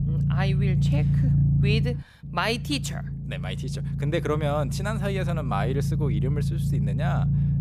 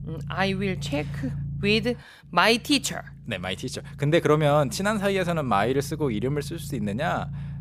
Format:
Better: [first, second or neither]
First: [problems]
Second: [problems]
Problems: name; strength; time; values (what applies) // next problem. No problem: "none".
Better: second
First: low rumble; loud; throughout; 6 dB below the speech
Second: low rumble; faint; throughout; 25 dB below the speech